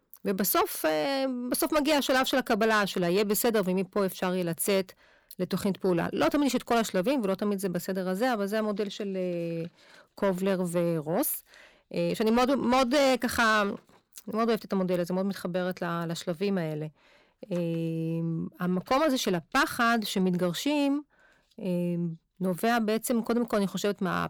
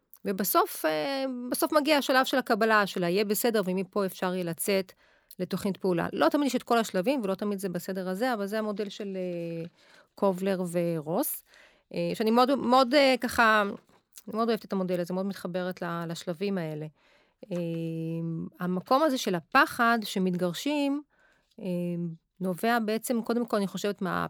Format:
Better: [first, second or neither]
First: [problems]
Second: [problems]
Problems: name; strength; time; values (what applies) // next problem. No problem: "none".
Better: second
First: distortion; slight; 10 dB below the speech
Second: none